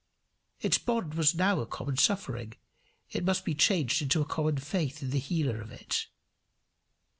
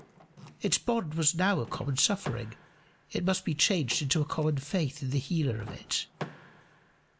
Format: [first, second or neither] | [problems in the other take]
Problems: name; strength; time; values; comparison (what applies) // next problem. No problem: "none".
first | background sound (Door / Car); 17 dB below the speech